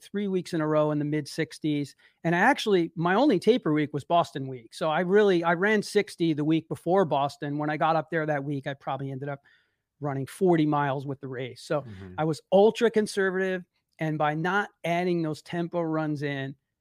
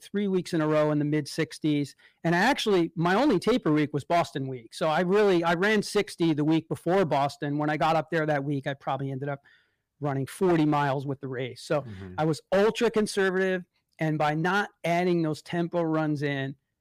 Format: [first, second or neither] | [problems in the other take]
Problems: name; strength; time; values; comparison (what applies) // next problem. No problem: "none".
first | distortion; slight; 8% of the sound clipped